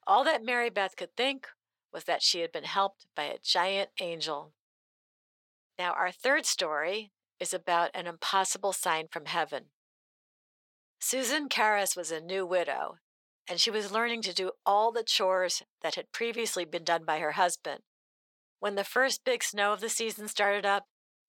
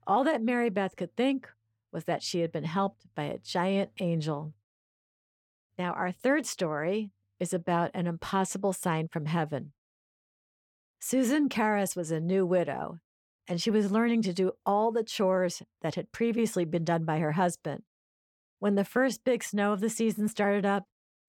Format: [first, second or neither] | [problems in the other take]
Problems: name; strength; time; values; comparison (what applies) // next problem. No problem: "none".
second | thin; very; fading below 650 Hz